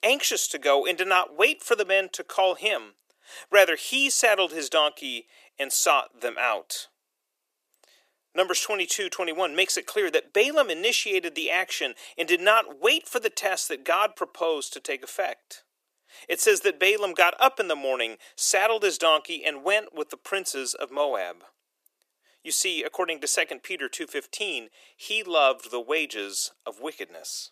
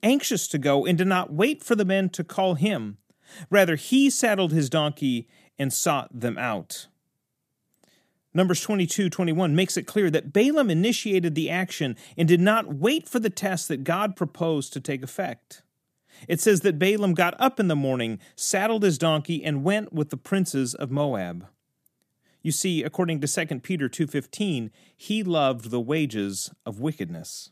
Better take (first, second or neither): second